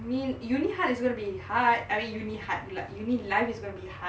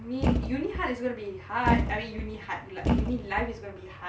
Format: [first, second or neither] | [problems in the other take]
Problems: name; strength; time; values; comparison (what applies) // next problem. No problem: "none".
first | background sound (Thump, thud); 2 dB above the speech